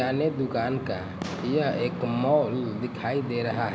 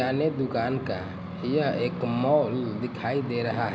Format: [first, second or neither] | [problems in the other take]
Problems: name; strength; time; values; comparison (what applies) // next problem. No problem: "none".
second | background sound (Fireworks); 18 dB below the speech